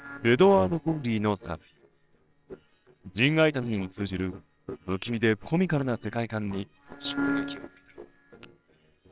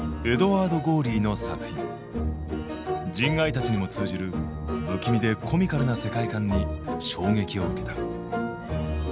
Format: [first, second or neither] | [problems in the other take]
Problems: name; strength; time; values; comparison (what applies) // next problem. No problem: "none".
second | noise reduction (neural separator model SepFormer WHAMR!)